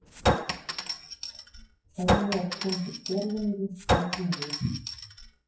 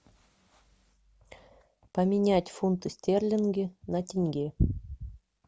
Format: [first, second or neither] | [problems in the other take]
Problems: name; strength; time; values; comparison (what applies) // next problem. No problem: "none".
second | noise reduction (classical method WPE with log-MMSE)